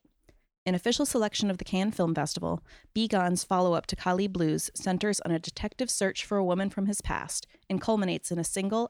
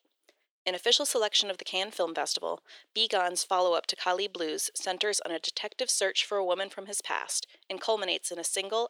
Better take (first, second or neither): first